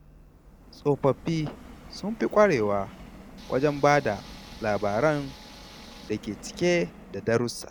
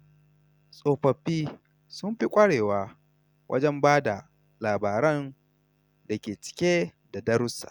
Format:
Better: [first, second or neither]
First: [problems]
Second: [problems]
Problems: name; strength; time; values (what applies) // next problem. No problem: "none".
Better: second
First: background sound (Subway, metro, underground + Tools); 18 dB below the speech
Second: none